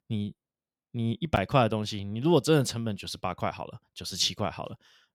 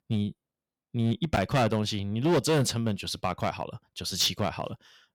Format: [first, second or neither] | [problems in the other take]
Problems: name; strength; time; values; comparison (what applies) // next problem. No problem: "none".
first | distortion; heavy; 6% of the sound clipped